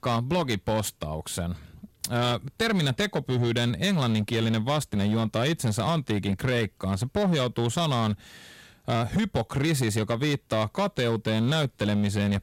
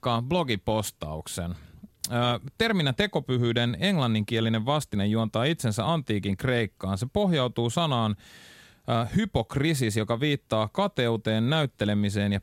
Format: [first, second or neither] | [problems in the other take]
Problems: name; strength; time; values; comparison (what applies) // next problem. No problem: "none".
second | distortion; slight; 12% of the sound clipped